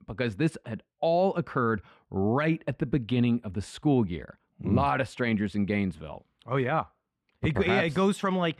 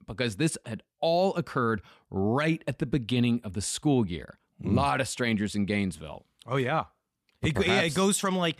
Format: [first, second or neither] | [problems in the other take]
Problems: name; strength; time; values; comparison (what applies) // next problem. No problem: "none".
second | muffled; slightly; fading above 4 kHz